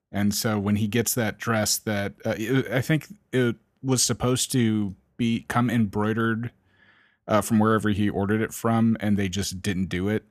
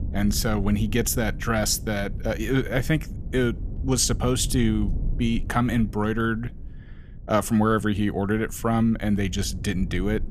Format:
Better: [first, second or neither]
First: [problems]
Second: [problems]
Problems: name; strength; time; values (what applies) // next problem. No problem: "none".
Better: first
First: none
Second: low rumble; faint; throughout; 20 dB below the speech